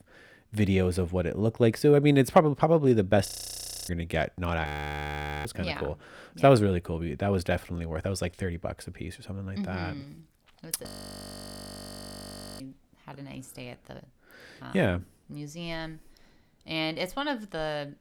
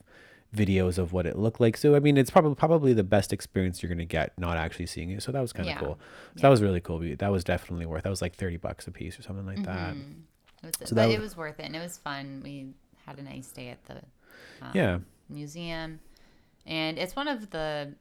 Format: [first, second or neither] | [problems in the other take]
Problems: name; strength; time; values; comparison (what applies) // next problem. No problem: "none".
second | audio freezing; at 3.5 s for 0.5 s, at 4.5 s for 1 s and at 11 s for 1.5 s